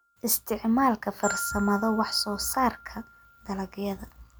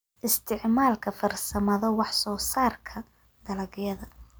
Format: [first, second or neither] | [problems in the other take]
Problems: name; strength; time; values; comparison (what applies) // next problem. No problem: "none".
second | background sound (Glockenspiel); 13 dB below the speech